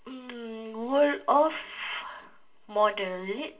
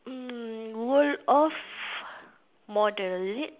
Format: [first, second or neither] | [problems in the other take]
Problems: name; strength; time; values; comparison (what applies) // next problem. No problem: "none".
second | room echo; dies away in 0.2 s